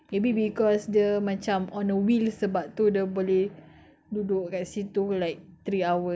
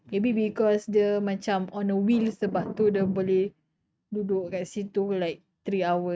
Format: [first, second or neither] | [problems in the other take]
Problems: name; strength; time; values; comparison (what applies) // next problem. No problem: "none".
first | noise reduction (neural mask model RNNoise)